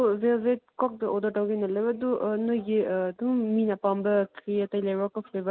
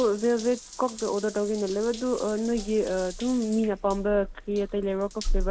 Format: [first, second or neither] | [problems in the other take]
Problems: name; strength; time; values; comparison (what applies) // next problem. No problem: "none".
first | background sound (Drip / Trickle, dribble / Bathtub (filling or washing) / Water tap, faucet); 8 dB below the speech